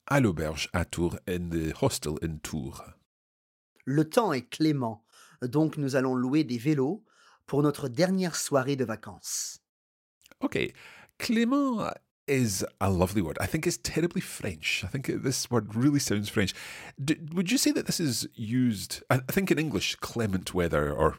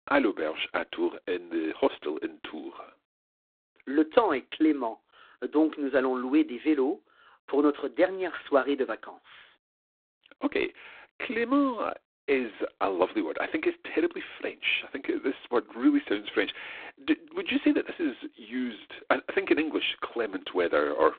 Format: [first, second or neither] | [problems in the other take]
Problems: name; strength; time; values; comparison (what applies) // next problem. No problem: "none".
first | phone-call audio; poor line